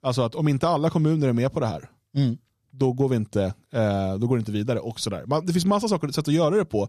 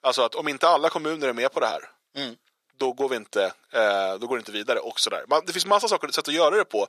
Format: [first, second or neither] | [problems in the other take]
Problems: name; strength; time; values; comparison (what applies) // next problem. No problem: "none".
first | thin; very; fading below 450 Hz